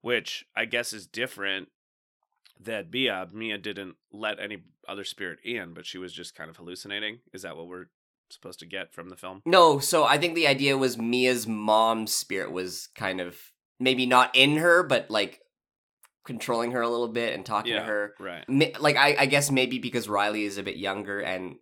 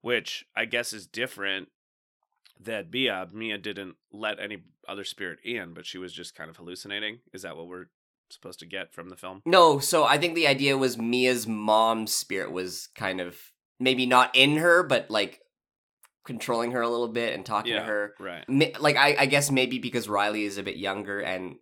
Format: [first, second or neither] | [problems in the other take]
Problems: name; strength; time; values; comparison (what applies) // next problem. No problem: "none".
neither | none